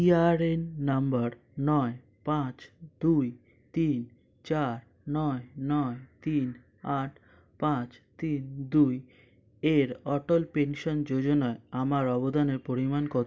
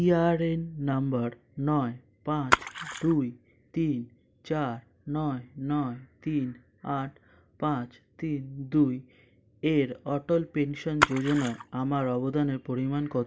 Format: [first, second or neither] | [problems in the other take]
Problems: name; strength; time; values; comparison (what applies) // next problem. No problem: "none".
first | background sound (Splash, splatter); 3 dB below the speech